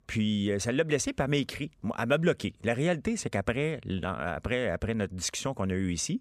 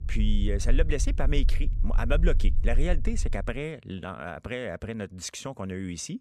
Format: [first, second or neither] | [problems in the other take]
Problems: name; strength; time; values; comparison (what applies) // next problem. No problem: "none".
first | low rumble; noticeable; until 3.5 s; 15 dB below the speech